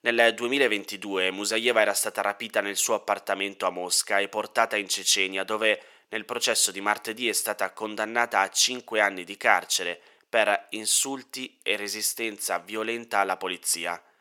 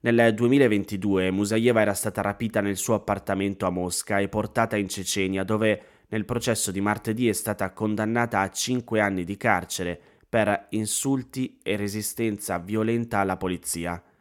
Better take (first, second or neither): second